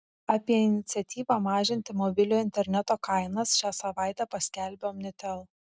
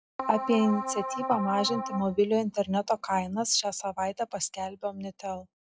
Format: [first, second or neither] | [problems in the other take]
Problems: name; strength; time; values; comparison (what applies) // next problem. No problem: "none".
first | noise reduction (classical method log-MMSE)